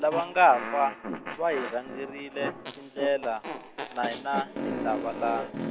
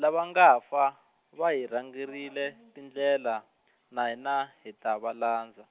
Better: second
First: background sound (Fart); 7 dB below the speech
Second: none

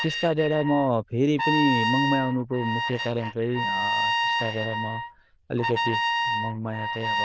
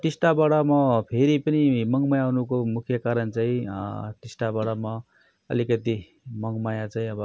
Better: second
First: noise reduction (neural diffusion model UNIVERSE++)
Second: none

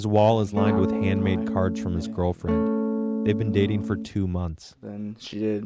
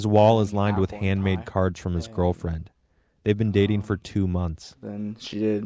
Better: second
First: background sound (Electric guitar / Strum); 1 dB below the speech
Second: none

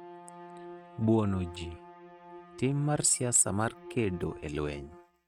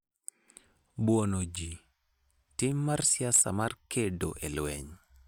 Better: second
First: noise reduction (neural mask model RNNoise)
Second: none

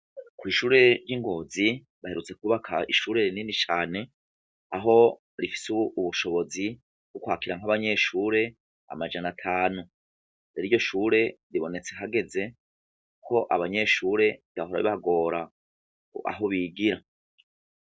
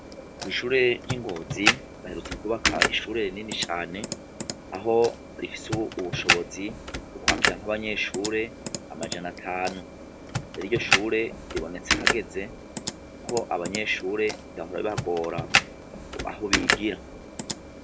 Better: first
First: none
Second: background sound (Computer keyboard); as loud as the speech

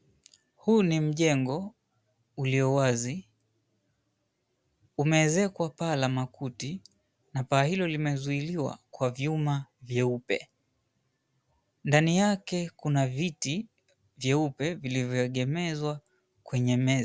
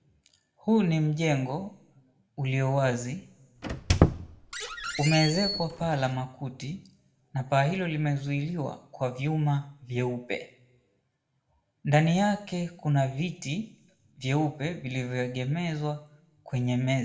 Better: first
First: none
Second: background sound (Squeak); as loud as the speech // room echo; dies away in 0.5 s

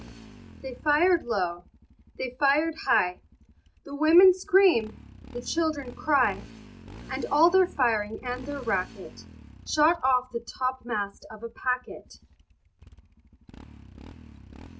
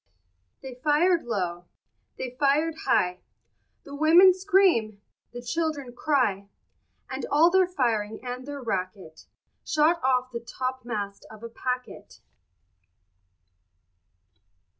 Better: second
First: background sound (Motorcycle); 19 dB below the speech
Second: none

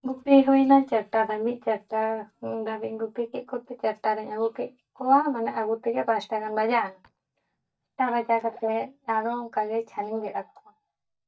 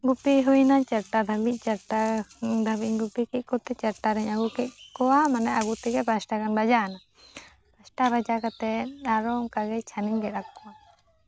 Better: second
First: noise reduction (neural mask model DeepFilterNet 3)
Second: none

